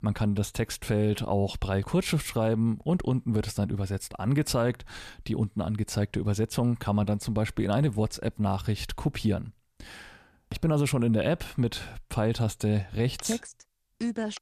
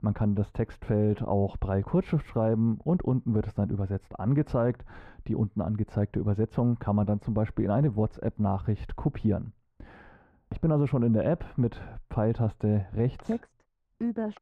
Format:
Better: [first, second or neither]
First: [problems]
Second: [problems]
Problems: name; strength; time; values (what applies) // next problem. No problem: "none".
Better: first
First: none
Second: muffled; very; fading above 3 kHz